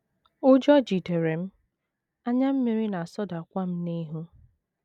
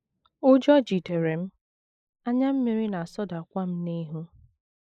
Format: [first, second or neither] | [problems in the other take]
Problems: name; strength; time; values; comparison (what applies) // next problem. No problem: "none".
first | noise reduction (neural mask model Resemble Enhance denoiser)